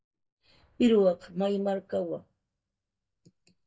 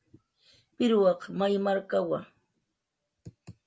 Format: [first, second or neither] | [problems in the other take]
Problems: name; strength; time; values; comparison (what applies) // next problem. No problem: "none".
second | noise reduction (neural mask model DeepFilterNet 3)